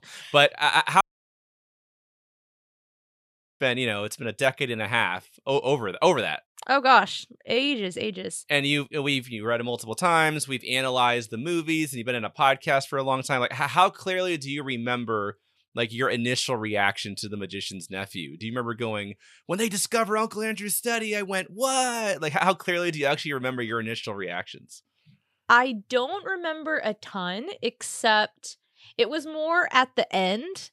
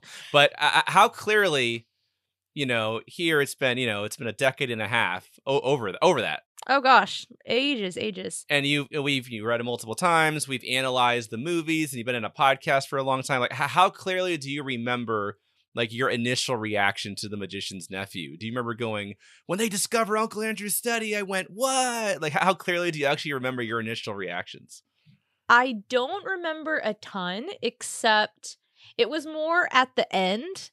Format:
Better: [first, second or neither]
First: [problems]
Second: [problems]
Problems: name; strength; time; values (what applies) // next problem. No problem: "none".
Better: second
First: audio cutting out; at 1 s for 2.5 s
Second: none